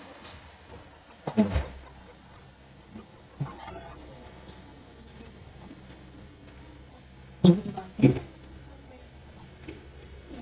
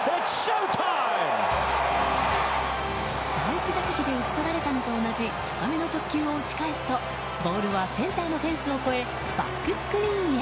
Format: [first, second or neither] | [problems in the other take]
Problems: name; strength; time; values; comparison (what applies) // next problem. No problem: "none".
second | noise reduction (neural mask model DeepFilterNet 3)